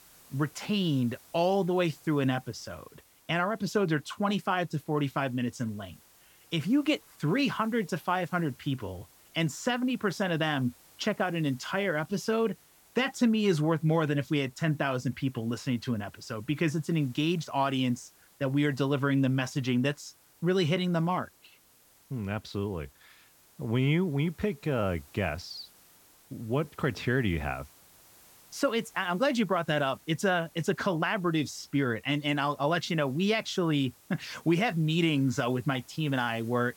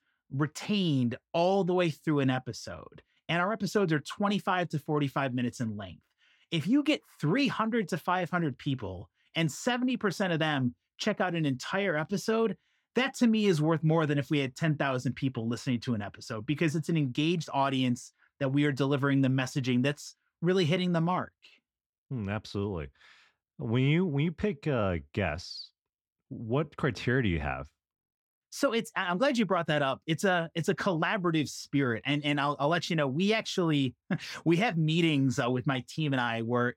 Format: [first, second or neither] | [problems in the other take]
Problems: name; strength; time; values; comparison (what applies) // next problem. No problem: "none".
second | hiss; faint; throughout; 25 dB below the speech